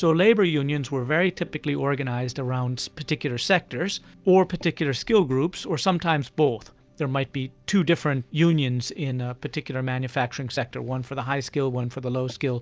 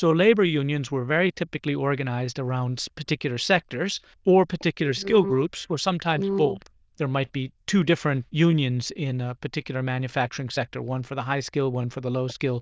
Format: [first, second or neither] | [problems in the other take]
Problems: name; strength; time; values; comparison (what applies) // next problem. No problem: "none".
first | noise reduction (neural diffusion model UNIVERSE++)